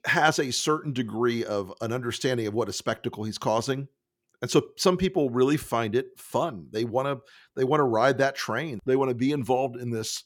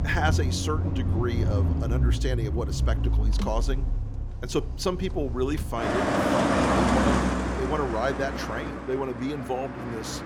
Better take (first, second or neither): first